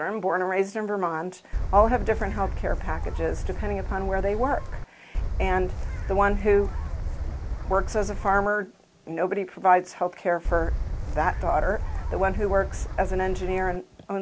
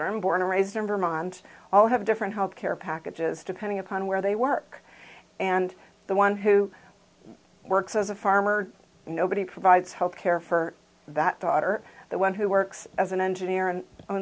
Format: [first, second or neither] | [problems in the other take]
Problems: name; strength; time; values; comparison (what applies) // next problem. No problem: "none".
second | background sound (Gull, seagull / Wind); 2 dB below the speech